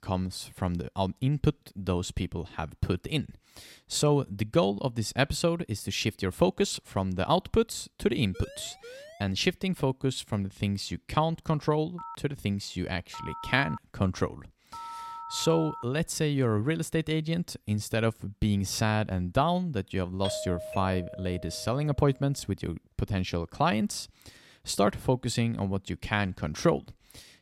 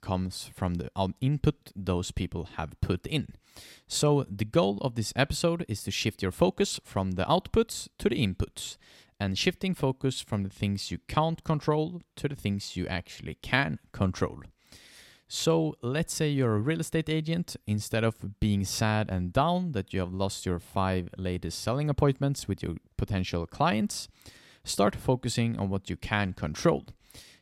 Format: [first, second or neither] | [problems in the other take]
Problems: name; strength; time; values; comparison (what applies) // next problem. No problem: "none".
second | siren; faint; at 8.5 s; peak 15 dB below the speech // phone ringing; faint; from 12 to 16 s; peak 10 dB below the speech // doorbell; noticeable; from 20 to 22 s; peak 6 dB below the speech